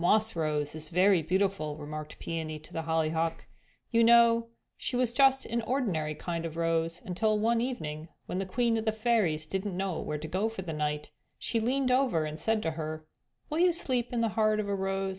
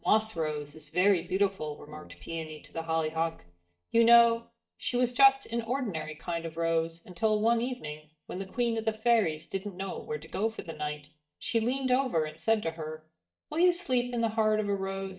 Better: first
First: none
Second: noise reduction (neural mask model DeepFilterNet 3)

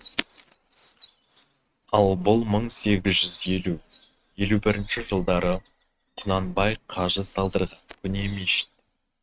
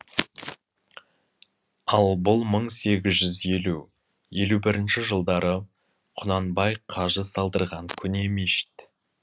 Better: second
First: noise reduction (neural mask model RNNoise)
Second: none

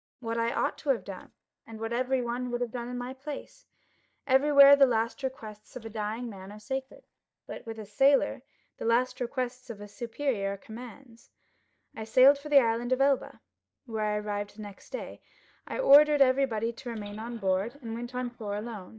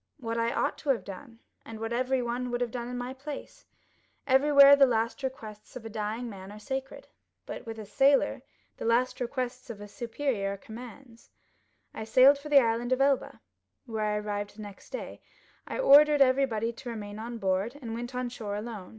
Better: second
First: noise reduction (neural mask model DeepFilterNet 3)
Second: none

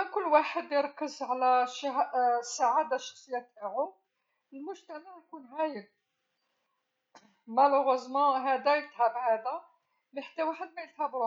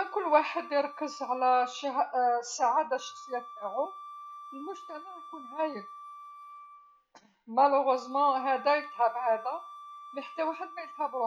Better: first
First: none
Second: background sound (Wind instrument, woodwind instrument); 16 dB below the speech

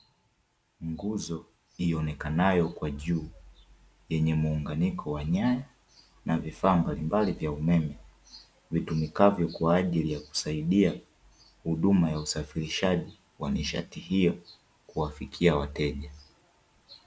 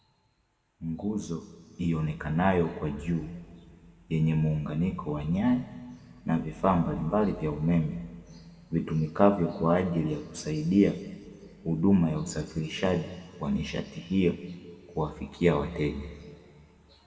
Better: first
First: none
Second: room echo; dies away in 2.1 s

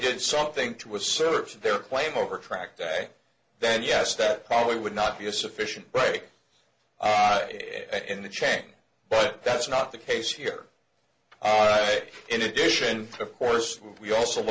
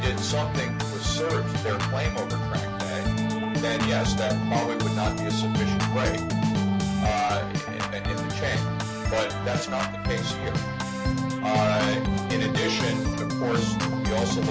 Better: first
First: none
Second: background sound (Organ); 4 dB above the speech

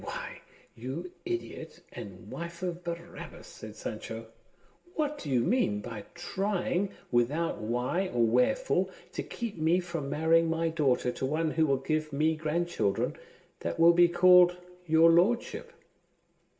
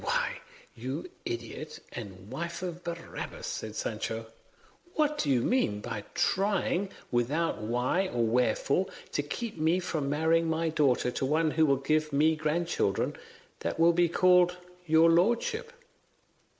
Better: second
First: room echo; dies away in 0.2 s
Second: none

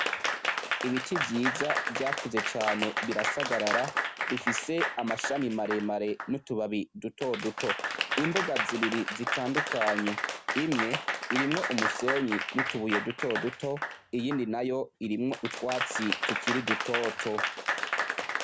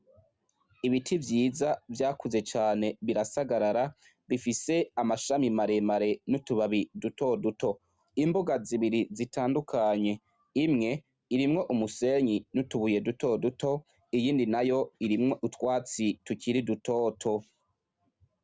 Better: second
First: background sound (Applause / Crowd); as loud as the speech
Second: none

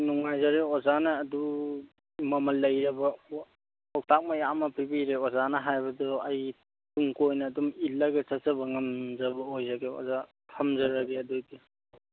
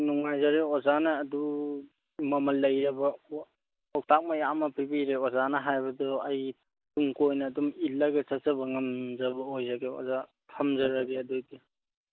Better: first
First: none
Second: noise reduction (neural mask model Resemble Enhance denoiser)

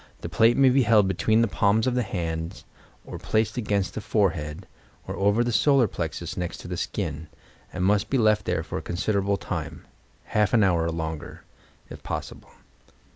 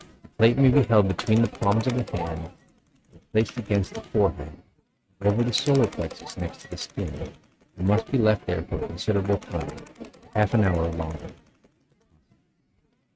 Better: first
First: none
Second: noise reduction (neural mask model RNNoise)

